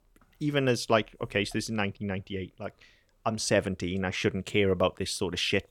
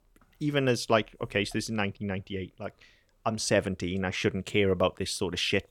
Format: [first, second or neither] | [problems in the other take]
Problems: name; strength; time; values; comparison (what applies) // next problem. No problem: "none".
neither | none